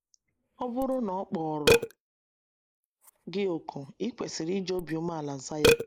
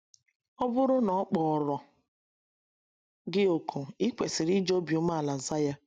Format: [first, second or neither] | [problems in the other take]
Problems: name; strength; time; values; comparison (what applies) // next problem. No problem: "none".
second | noise reduction (neural mask model Resemble Enhance denoiser)